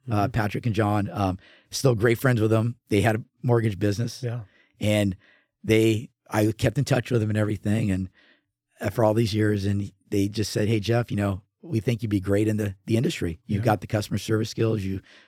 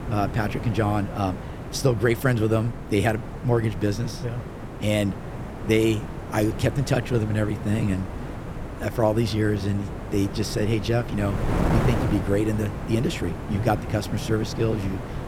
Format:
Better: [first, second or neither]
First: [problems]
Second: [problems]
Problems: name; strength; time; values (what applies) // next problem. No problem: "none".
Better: first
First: none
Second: wind noise on the microphone; heavy; 8 dB below the speech